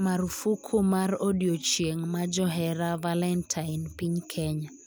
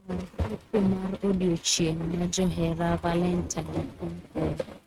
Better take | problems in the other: first | noise reduction (neural mask model RNNoise)

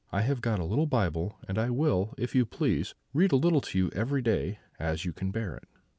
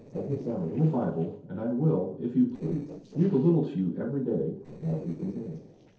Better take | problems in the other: first | noise reduction (neural separator model SepFormer DNS4)

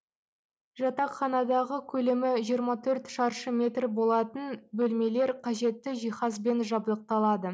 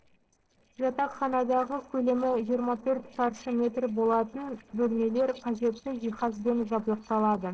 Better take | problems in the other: first | noise reduction (neural separator model SepFormer DNS4)

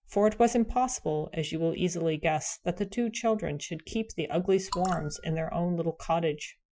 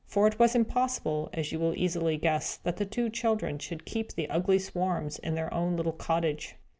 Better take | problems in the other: second | noise reduction (classical method Wiener filter)

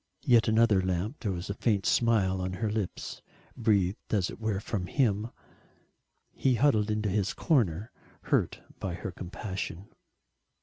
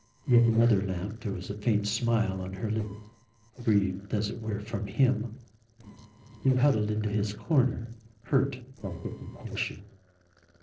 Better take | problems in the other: first | noise reduction (neural separator model SepFormer DNS4)

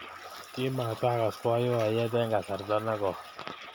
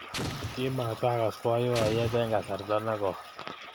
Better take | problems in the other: first | background sound (Explosion); 10 dB below the speech

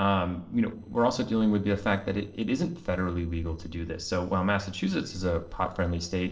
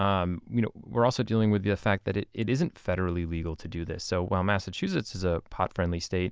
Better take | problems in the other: second | noise reduction (neural separator model SepFormer DNS4)

